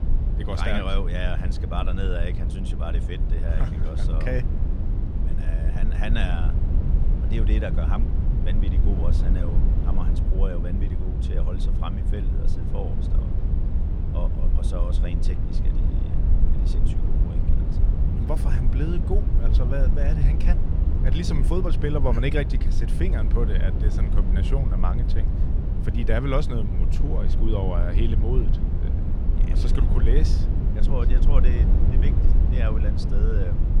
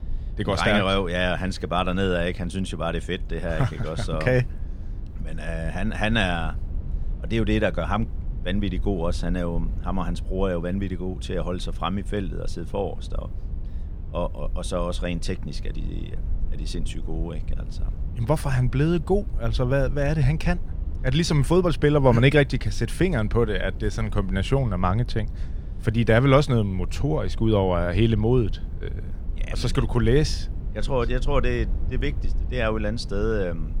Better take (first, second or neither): second